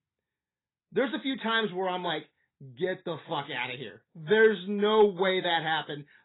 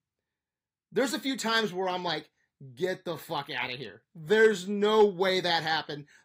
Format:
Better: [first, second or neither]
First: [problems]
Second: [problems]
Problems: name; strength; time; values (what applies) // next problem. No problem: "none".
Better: second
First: garbled, watery; badly; nothing above 4 kHz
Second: garbled, watery; slightly; nothing above 15.5 kHz